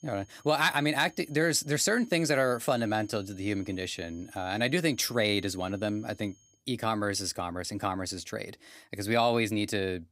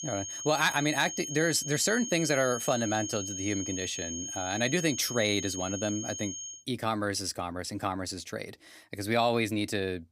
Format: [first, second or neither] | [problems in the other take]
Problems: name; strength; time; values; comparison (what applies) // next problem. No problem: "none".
first | high-pitched whine; loud; until 6.5 s; 6.5 kHz, 6 dB below the speech; faint in the first